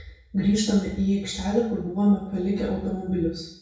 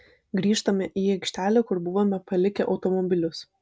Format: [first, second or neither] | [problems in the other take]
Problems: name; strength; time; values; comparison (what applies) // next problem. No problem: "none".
second | room echo; dies away in 0.6 s